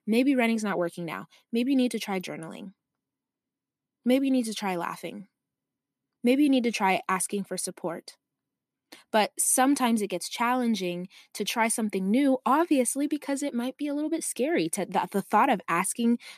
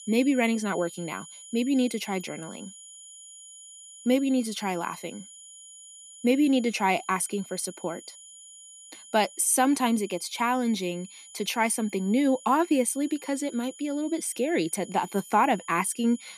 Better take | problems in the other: first | high-pitched whine; noticeable; throughout; 7 kHz, 20 dB below the speech

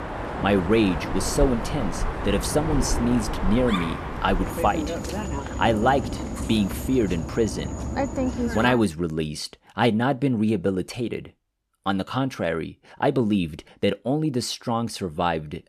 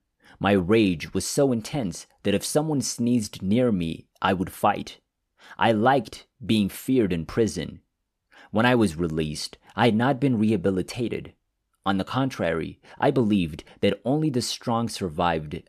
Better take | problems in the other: second | animal sounds; loud; until 8.5 s; 5 dB below the speech

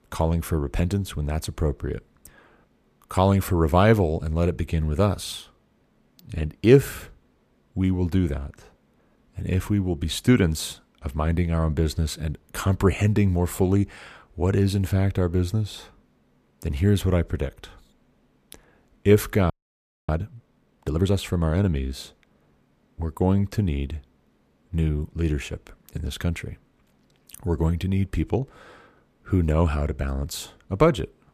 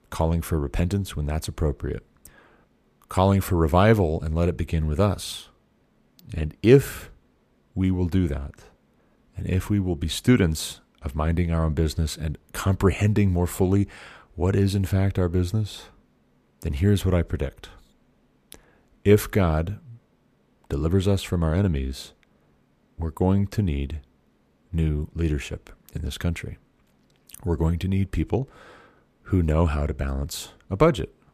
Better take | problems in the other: second | audio freezing; at 20 s for 0.5 s

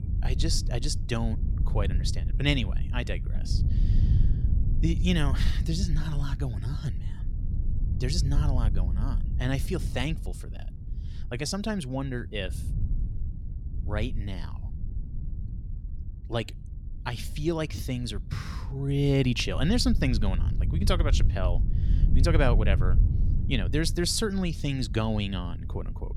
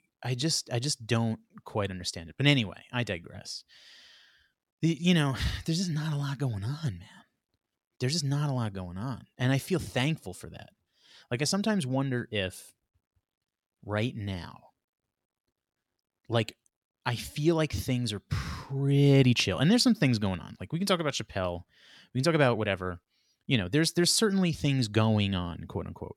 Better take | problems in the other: second | wind noise on the microphone; occasional gusts; 15 dB below the speech

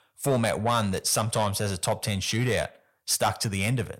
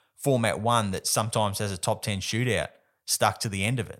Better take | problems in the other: second | distortion; slight; 10 dB below the speech

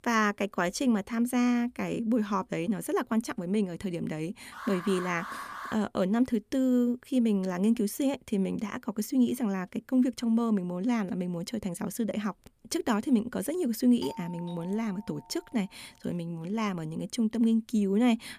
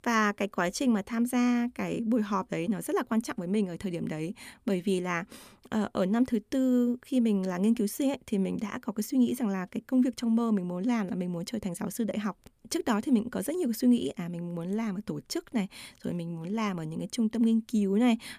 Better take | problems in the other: second | alarm; noticeable; from 4.5 to 5.5 s; peak 9 dB below the speech // doorbell; faint; from 14 to 15 s; peak 15 dB below the speech

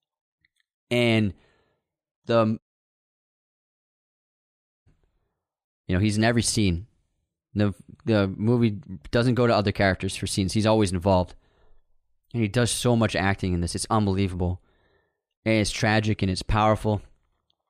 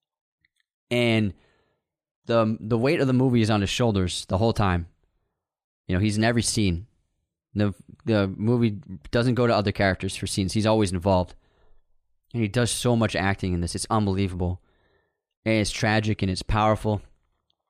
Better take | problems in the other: second | audio cutting out; at 2.5 s for 2.5 s

